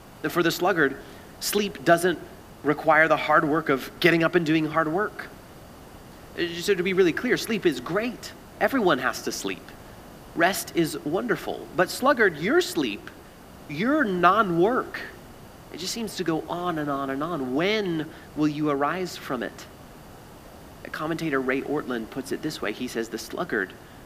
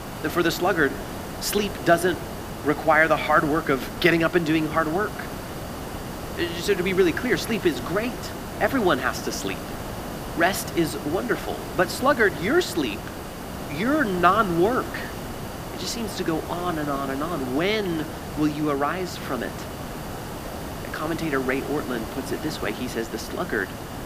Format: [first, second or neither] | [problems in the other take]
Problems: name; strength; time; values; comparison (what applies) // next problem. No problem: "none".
first | hiss; loud; throughout; 9 dB below the speech; faint in the first